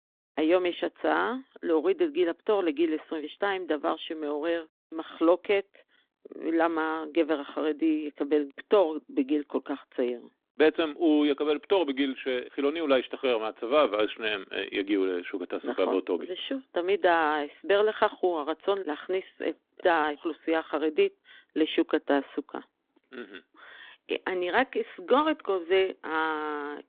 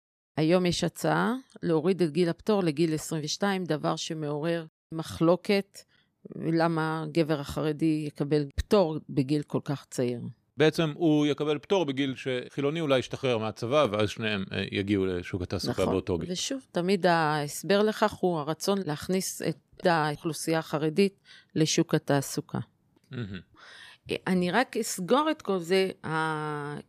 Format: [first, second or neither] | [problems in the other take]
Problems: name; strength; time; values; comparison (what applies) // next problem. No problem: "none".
second | phone-call audio